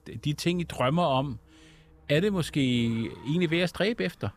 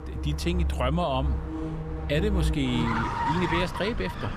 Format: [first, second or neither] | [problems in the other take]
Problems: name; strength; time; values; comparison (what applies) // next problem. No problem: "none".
first | traffic noise; loud; throughout; 1 dB below the speech; faint in the first